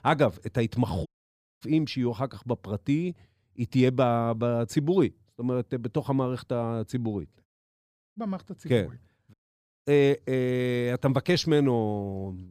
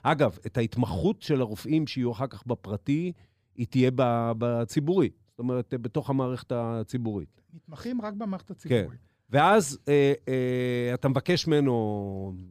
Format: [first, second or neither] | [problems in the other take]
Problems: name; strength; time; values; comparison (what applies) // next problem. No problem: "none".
second | audio cutting out; at 1 s for 0.5 s, at 7.5 s for 0.5 s and at 9.5 s for 0.5 s